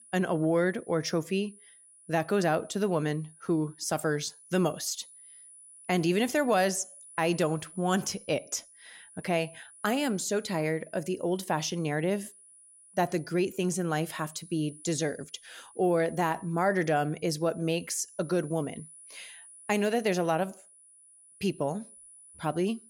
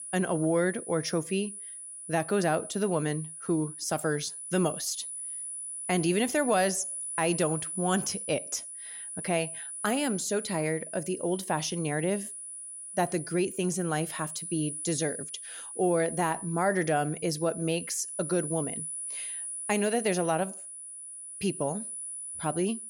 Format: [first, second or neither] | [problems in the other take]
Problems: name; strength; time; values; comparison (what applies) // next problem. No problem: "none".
first | high-pitched whine; loud; throughout; 10 kHz, 7 dB below the speech; faint in the first